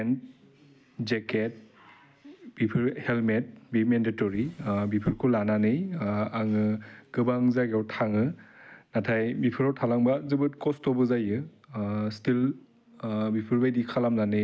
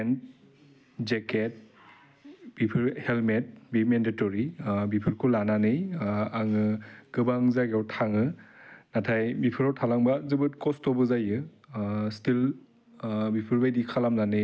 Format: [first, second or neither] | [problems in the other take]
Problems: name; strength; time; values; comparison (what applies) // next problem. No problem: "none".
second | background sound (Drawer open or close); 19 dB below the speech